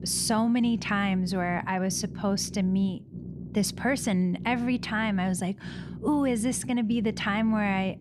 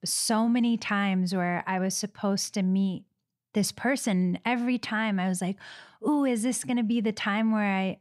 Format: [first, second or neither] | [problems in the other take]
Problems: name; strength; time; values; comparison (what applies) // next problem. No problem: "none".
second | low rumble; noticeable; throughout; 20 dB below the speech